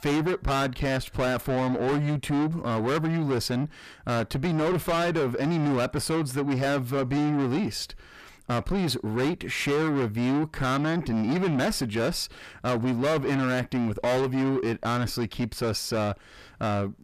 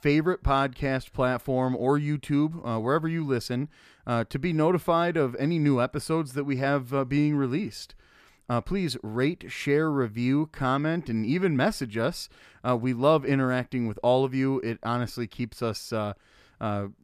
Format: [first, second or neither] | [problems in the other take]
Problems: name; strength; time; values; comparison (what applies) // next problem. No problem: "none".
second | distortion; heavy; 6 dB below the speech